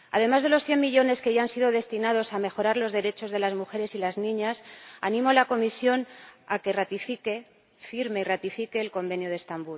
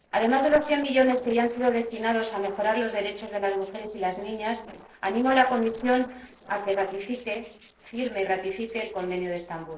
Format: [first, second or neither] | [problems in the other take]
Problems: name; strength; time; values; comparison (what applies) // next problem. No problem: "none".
first | noise reduction (neural separator model SepFormer DNS4)